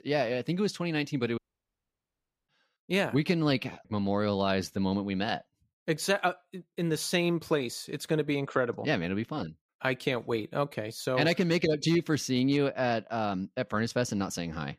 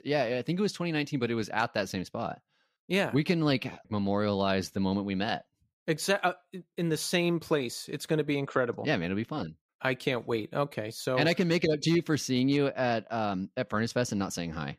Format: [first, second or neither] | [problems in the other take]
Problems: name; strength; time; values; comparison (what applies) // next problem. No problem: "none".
second | audio cutting out; at 1.5 s for 1 s